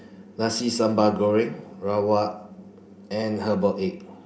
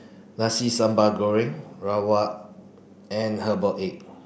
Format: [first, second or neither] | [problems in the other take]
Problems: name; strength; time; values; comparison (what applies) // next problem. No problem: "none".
second | room echo; dies away in 0.3 s